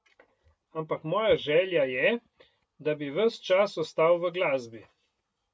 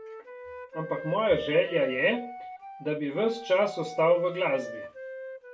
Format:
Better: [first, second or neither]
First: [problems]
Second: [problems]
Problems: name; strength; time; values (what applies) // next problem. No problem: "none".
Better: first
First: none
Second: background sound (Wind instrument, woodwind instrument); 13 dB below the speech // room echo; dies away in 0.3 s